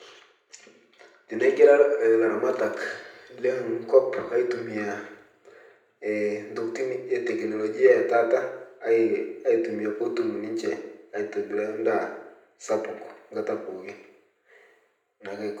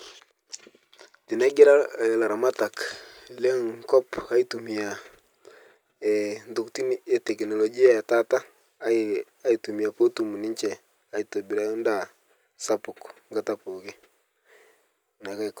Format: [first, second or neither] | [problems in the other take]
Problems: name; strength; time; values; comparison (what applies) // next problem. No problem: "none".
second | room echo; dies away in 0.7 s